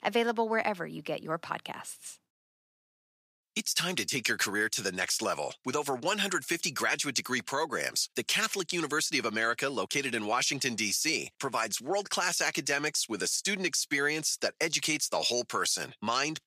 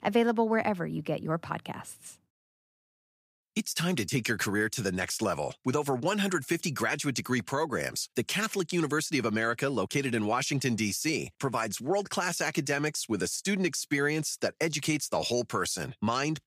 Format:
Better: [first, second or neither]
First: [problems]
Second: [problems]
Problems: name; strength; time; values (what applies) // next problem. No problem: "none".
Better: second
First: thin; very slightly; fading below 500 Hz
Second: none